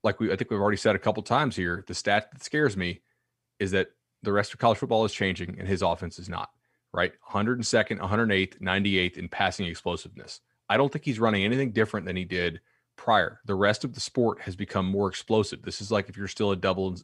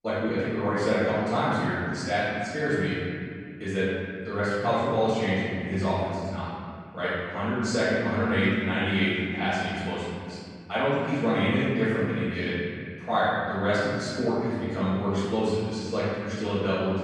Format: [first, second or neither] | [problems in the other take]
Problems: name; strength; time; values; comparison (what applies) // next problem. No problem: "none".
first | room echo; strong; dies away in 2.3 s // off-mic speech; far